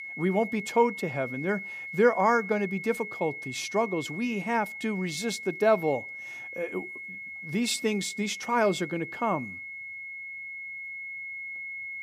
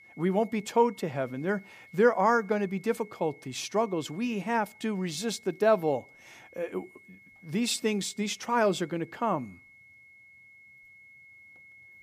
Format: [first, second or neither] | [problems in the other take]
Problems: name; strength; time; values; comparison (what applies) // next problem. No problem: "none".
second | high-pitched whine; loud; throughout; 2 kHz, 9 dB below the speech; faint in the second